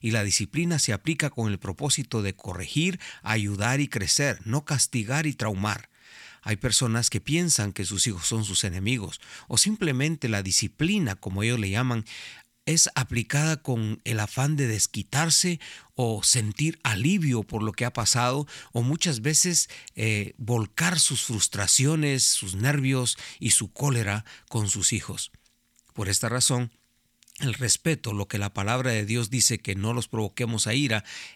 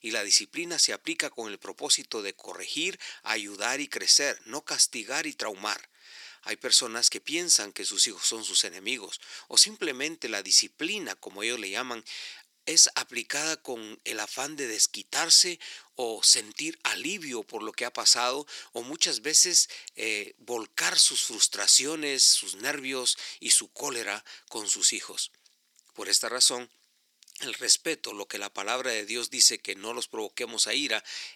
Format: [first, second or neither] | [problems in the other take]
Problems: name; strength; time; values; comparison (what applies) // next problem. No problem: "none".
first | thin; very; fading below 350 Hz